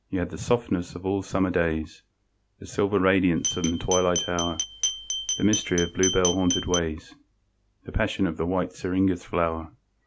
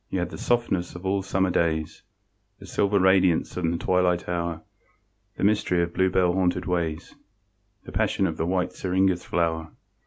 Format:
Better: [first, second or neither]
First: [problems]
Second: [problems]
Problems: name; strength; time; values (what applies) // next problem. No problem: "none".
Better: second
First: background sound (Glass); 4 dB below the speech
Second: none